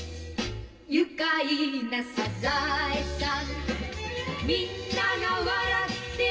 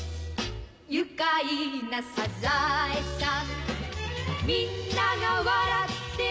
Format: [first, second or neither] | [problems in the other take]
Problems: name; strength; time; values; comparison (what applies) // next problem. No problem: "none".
second | room echo; dies away in 0.2 s